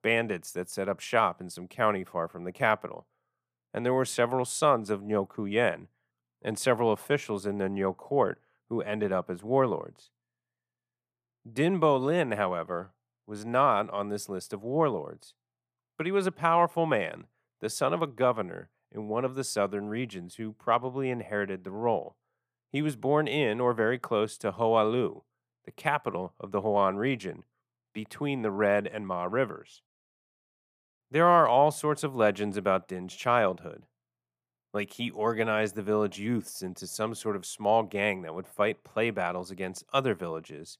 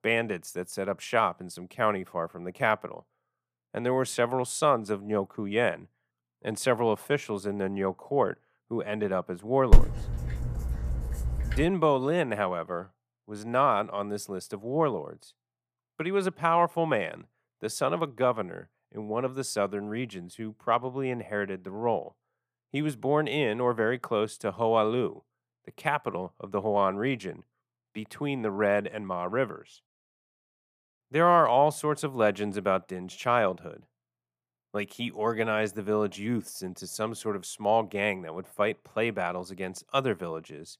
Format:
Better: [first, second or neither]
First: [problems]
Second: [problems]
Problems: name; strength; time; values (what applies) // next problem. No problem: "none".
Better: first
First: none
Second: dog barking; loud; at 9.5 s; peak 5 dB above the speech